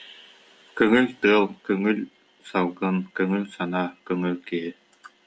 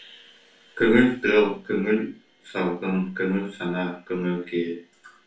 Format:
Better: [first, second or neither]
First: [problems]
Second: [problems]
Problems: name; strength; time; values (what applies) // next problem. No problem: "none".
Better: first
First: none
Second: room echo; dies away in 0.3 s